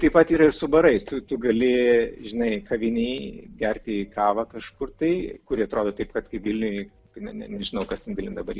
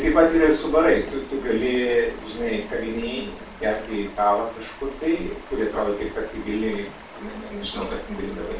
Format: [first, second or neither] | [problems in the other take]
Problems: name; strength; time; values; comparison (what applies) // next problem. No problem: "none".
first | background sound (Stream); 18 dB below the speech // room echo; dies away in 0.3 s